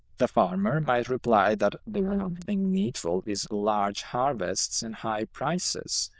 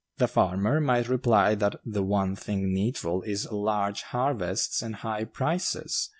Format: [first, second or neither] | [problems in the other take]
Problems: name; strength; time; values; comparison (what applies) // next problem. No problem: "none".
second | noise reduction (neural diffusion model UNIVERSE++)